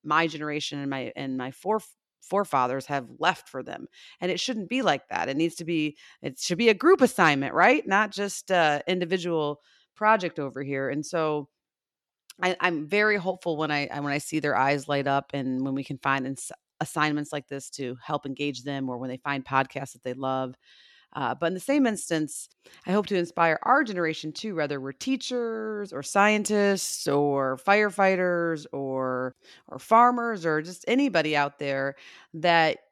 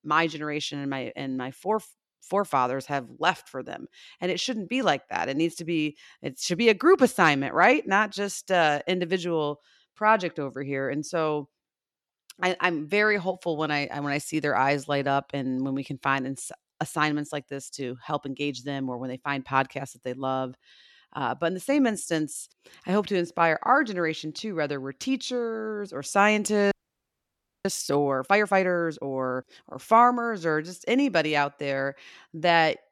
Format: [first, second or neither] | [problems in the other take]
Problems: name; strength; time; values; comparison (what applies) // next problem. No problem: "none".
first | audio freezing; at 27 s for 1 s